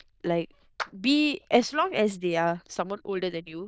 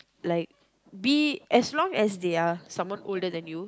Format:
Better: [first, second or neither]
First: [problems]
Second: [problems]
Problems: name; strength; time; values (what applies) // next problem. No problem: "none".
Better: second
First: noise reduction (neural diffusion model UNIVERSE++)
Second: none